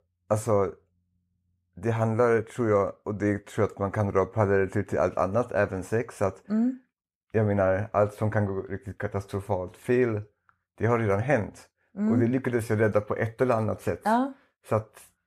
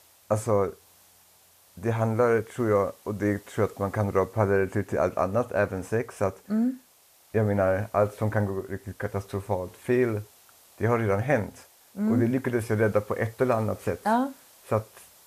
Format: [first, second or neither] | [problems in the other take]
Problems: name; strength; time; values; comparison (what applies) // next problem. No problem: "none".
first | hiss; faint; throughout; 25 dB below the speech